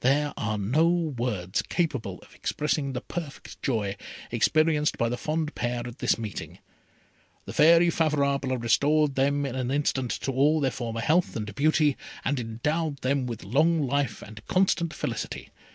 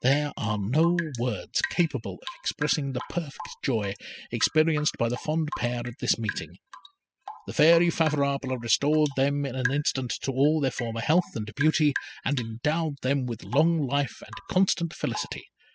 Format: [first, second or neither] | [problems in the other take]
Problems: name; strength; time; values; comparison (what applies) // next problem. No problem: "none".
first | noise reduction (classical method spectral subtraction)